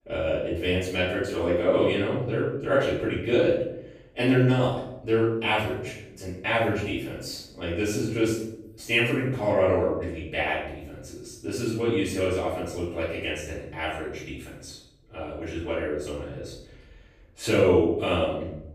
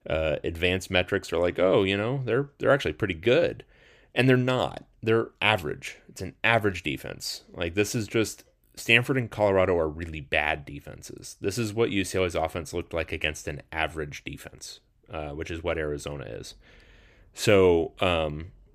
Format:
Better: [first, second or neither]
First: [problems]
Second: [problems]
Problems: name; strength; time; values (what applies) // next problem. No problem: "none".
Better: second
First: off-mic speech; far // room echo; noticeable; dies away in 0.7 s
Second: none